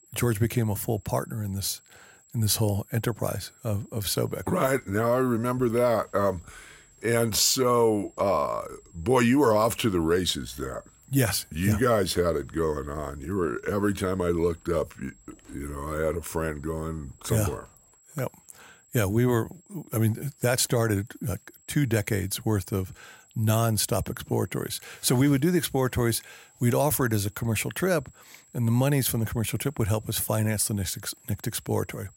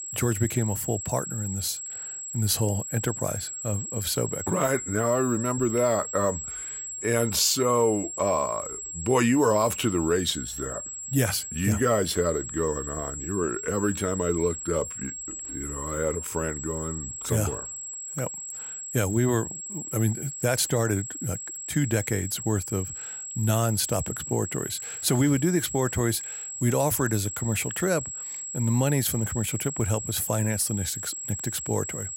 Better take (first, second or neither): first